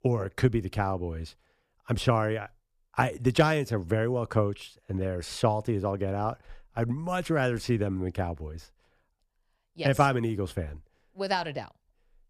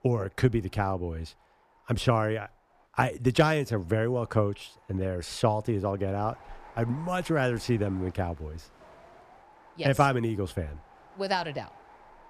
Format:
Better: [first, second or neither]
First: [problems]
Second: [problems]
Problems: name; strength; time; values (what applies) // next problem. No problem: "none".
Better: first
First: none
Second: wind noise on the microphone; occasional gusts; 25 dB below the speech